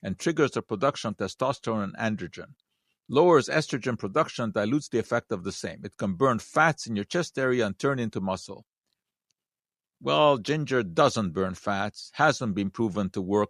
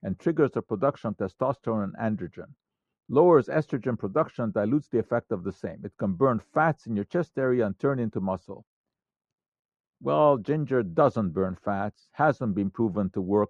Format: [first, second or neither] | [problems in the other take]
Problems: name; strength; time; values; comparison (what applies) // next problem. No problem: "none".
first | muffled; very; fading above 2 kHz